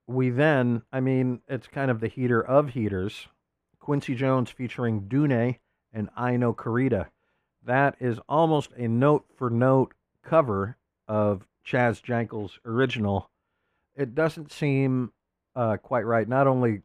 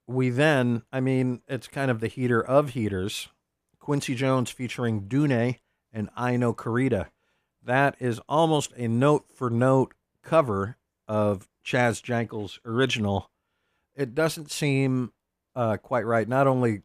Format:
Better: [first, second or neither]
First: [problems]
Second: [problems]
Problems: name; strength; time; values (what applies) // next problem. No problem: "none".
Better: second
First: muffled; slightly; fading above 3.5 kHz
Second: none